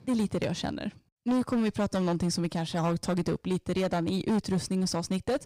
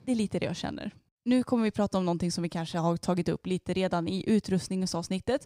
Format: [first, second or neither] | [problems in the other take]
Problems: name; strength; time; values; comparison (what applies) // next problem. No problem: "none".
second | distortion; slight; 13% of the sound clipped